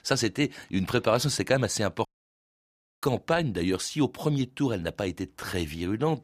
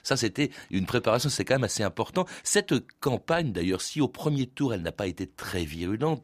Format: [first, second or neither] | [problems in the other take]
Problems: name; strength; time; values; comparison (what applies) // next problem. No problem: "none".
second | audio cutting out; at 2 s for 1 s